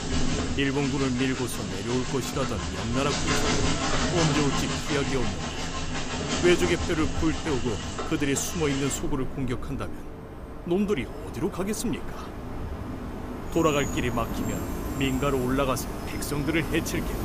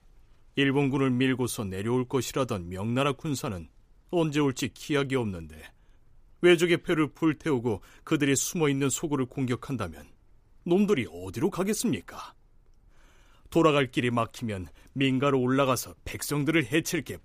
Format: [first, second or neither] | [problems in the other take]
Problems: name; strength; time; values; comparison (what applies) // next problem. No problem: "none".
second | train or aircraft noise; loud; throughout; 3 dB below the speech